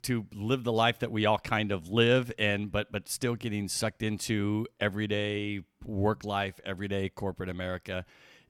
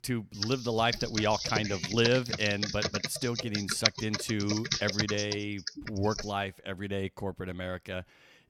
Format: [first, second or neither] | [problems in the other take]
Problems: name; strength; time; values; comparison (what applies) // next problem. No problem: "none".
first | keyboard typing; loud; until 6 s; peak 4 dB above the speech